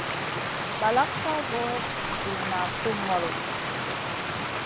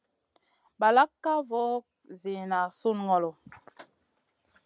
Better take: second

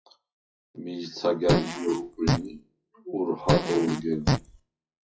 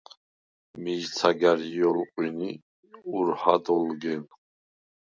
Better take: second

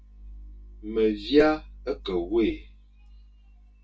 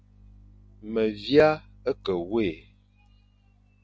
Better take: second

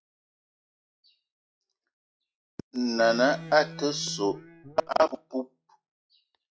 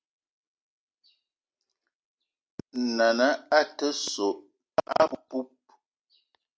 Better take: second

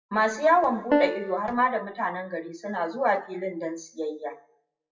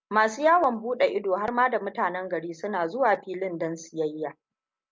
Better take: second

